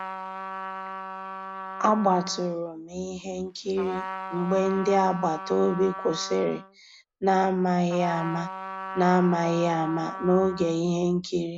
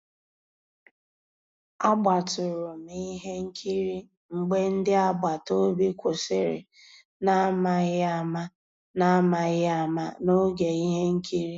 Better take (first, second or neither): second